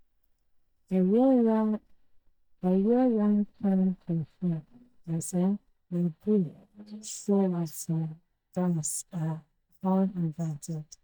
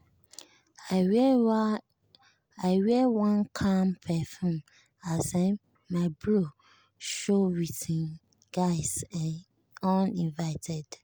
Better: second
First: noise reduction (neural mask model DeepFilterNet 3)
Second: none

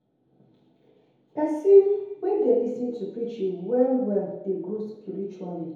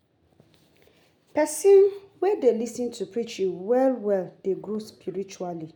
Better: second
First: room echo; dies away in 2 s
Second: none

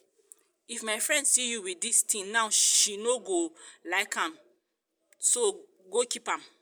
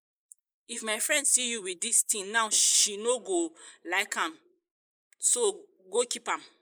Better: first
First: none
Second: noise reduction (neural mask model Resemble Enhance denoiser)

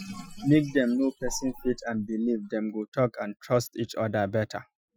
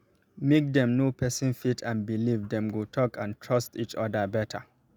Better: second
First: noise reduction (classical method Wiener filter)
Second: none

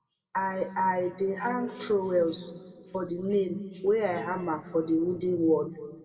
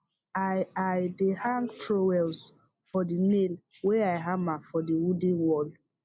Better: second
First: room echo; dies away in 1.5 s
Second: none

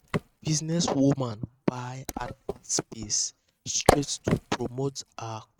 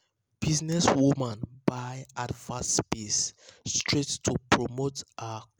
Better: second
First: noise reduction (neural mask model RNNoise)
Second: none

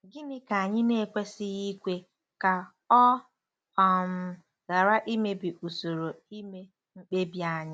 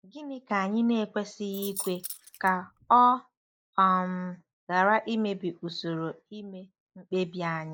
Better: first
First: none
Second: noise reduction (neural mask model Resemble Enhance denoiser)

